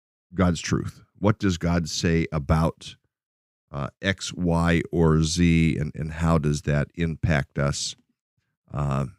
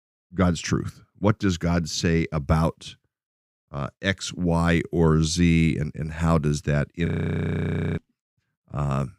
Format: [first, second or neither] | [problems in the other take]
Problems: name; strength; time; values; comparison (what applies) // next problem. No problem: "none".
first | audio freezing; at 7 s for 1 s